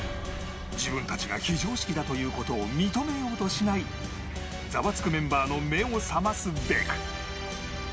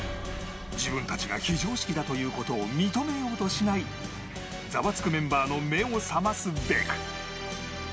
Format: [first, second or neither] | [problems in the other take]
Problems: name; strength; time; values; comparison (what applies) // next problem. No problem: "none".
second | background sound (Truck); 11 dB below the speech